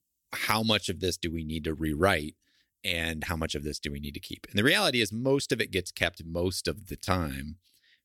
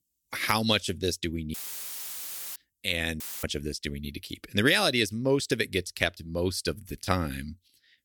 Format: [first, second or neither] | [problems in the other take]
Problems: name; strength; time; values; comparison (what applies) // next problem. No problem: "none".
first | audio cutting out; filled with static; at 1.5 s for 1 s and at 3 s